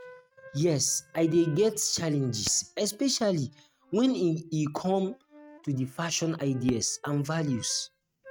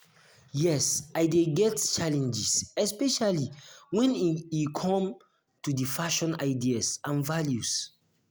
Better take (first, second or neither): second